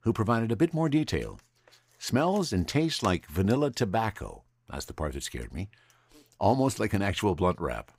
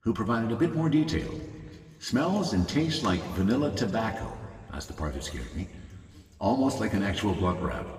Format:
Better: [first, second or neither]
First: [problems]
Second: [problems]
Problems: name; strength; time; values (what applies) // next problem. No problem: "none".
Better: first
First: none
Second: room echo; slight; dies away in 2.1 s // off-mic speech; somewhat distant